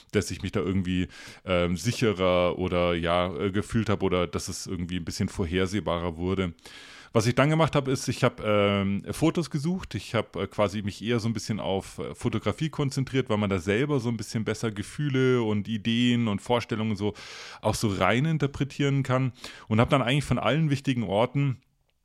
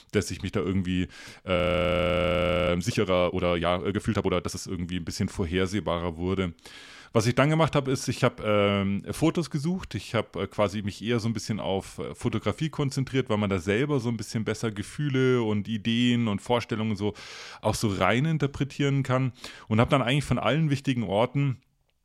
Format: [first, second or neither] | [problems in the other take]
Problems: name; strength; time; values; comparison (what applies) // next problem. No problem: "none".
first | audio freezing; at 1.5 s for 1 s